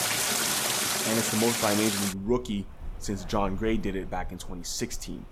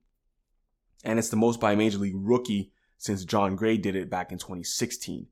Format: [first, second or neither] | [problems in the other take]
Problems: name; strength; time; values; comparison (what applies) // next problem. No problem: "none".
second | rain or running water; very loud; throughout; 4 dB above the speech